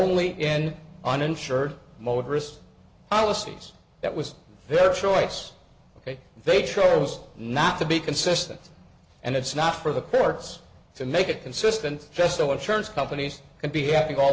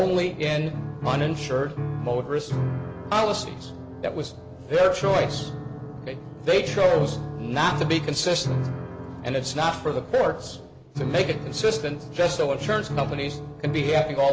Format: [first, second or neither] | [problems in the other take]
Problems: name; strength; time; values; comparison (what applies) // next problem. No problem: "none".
first | background sound (Piano); 7 dB below the speech